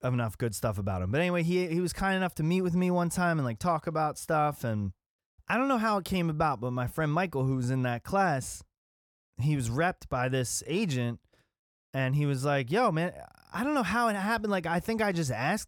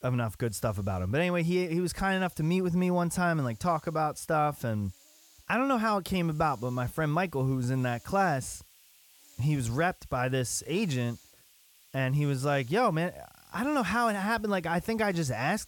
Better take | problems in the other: first | hiss; faint; throughout; 25 dB below the speech

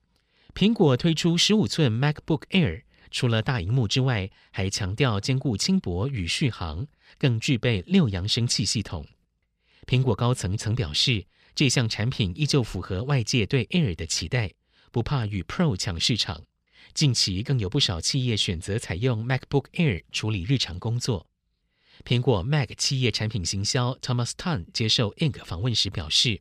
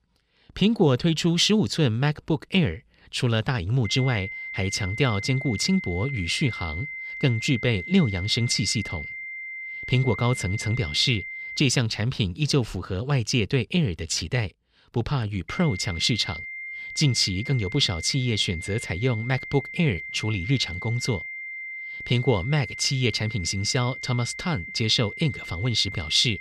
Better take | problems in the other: first | high-pitched whine; loud; from 4 to 12 s and from 15 s on; 2 kHz, 9 dB below the speech

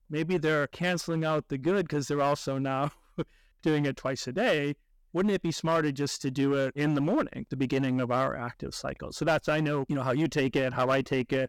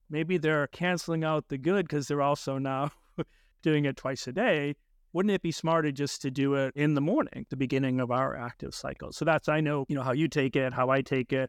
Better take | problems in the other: second | distortion; slight; 6% of the sound clipped

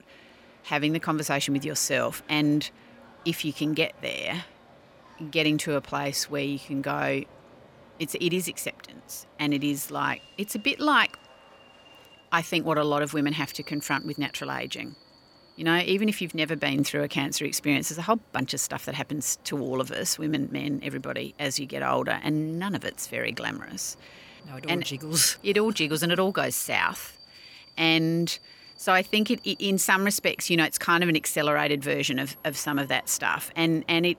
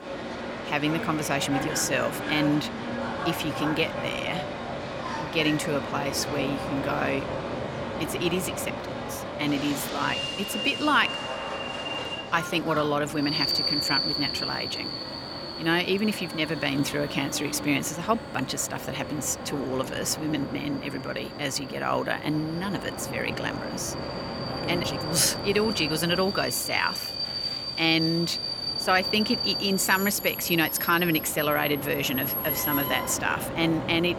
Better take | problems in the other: first | train or aircraft noise; loud; throughout; 4 dB below the speech; faint in the first

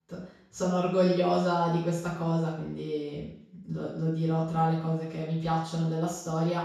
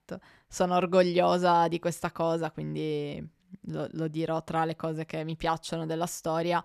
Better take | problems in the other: second | room echo; noticeable; dies away in 0.6 s // off-mic speech; far

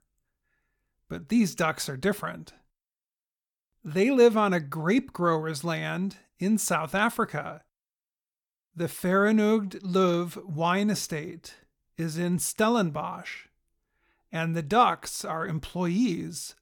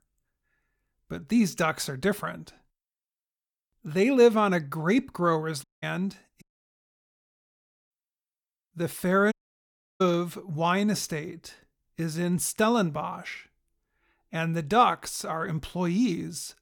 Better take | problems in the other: first | audio cutting out; at 5.5 s, at 6.5 s for 1.5 s and at 9.5 s for 0.5 s

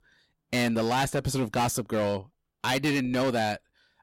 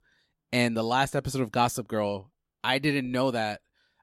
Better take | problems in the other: second | distortion; heavy; 14% of the sound clipped

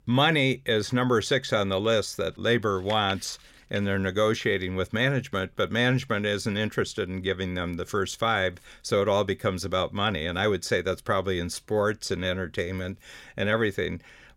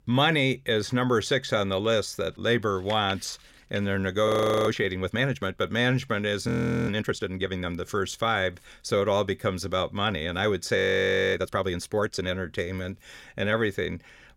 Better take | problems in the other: first | audio freezing; at 4.5 s, at 6.5 s and at 11 s for 0.5 s

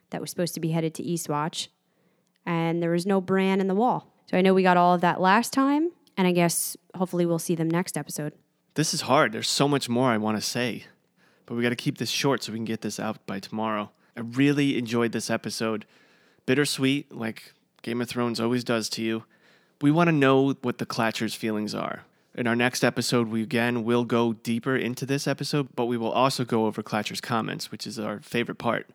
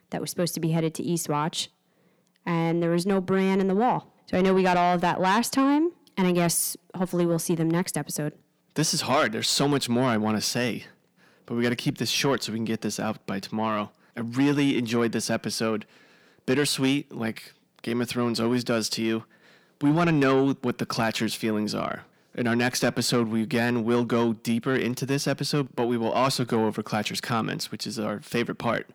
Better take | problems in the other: first | distortion; slight; 10 dB below the speech

